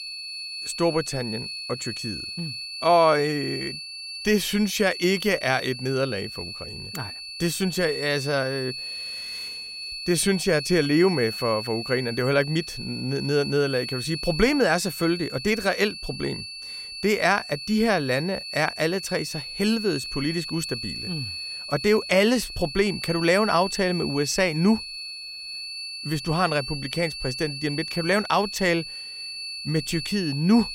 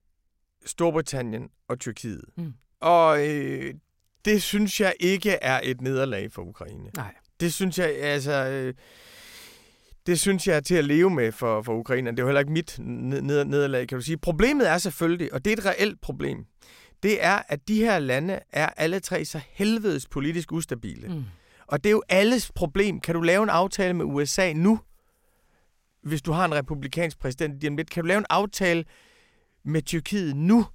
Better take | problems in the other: second | high-pitched whine; loud; throughout; 4.5 kHz, 8 dB below the speech

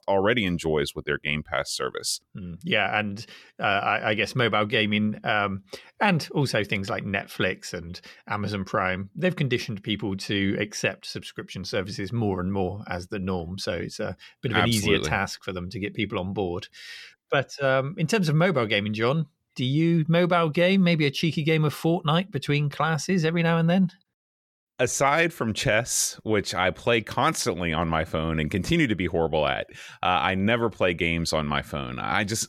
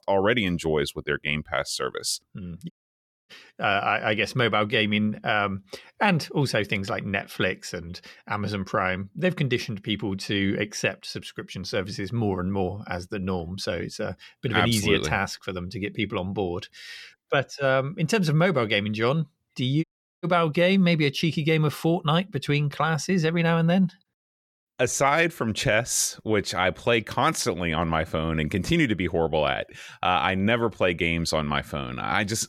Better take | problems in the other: first | audio cutting out; at 2.5 s for 0.5 s and at 20 s

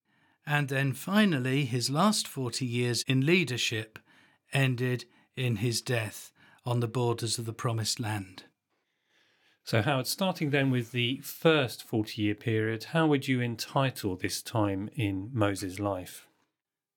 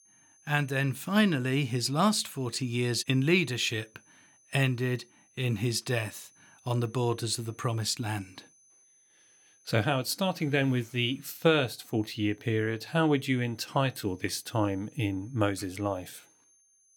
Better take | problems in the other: first | high-pitched whine; faint; throughout; 6 kHz, 30 dB below the speech

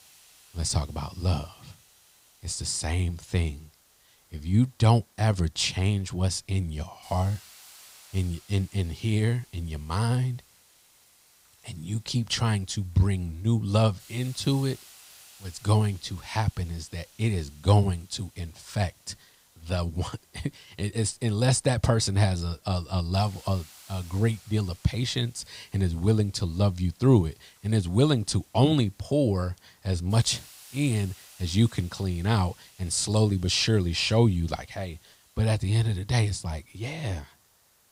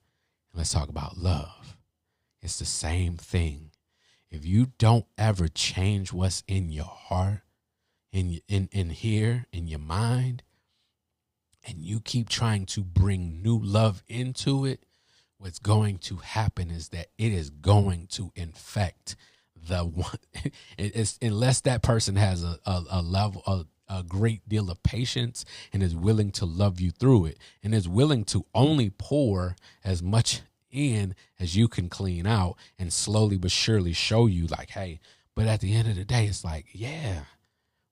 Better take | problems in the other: second | hiss; faint; throughout; 25 dB below the speech

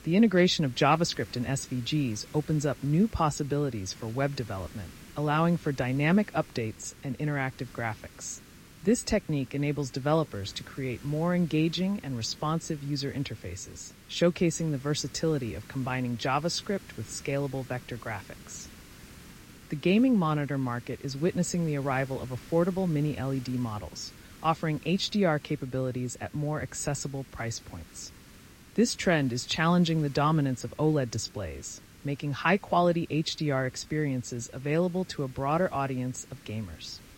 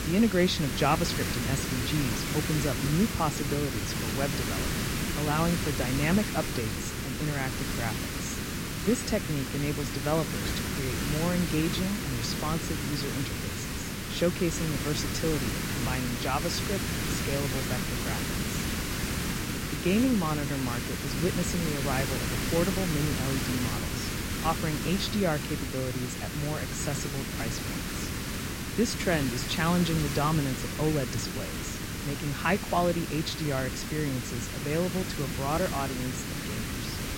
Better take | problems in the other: first | hiss; loud; throughout; 1 dB below the speech; faint in the first

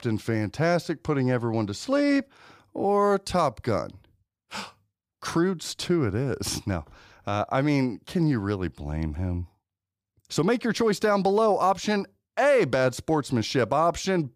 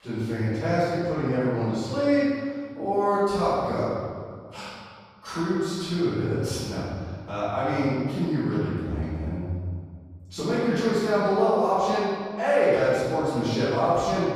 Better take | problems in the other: first | off-mic speech; far // room echo; strong; dies away in 1.7 s

